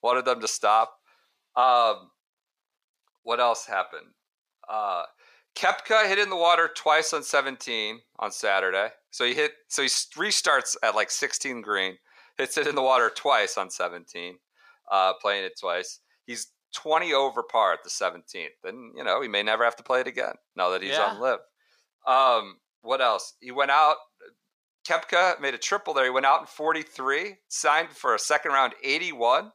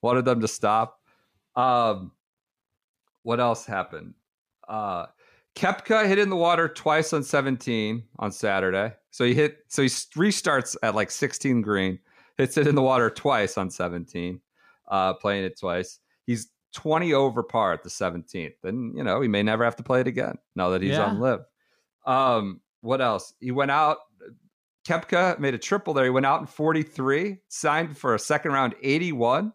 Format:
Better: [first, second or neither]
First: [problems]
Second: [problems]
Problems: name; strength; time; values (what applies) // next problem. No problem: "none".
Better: second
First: thin; very; fading below 700 Hz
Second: none